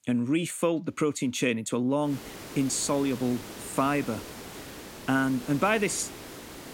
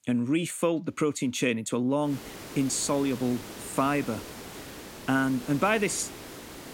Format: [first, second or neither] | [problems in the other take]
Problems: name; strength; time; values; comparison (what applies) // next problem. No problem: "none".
neither | hiss; noticeable; from 2 s on; 15 dB below the speech; the same in both